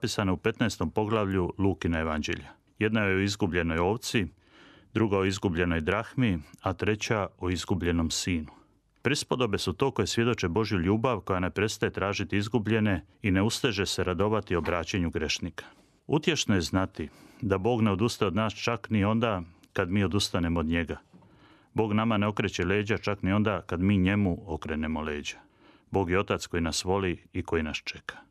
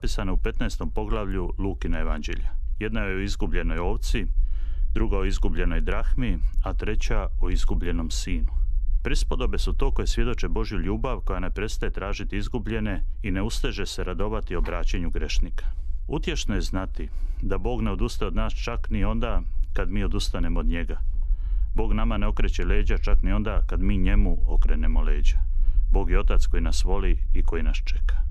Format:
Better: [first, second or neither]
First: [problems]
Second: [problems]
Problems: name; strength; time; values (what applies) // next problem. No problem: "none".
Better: first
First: none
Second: low rumble; faint; throughout; 25 dB below the speech